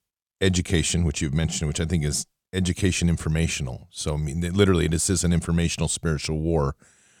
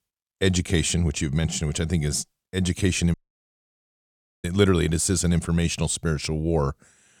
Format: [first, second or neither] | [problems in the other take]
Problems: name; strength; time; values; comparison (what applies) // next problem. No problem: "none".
first | audio cutting out; at 3 s for 1.5 s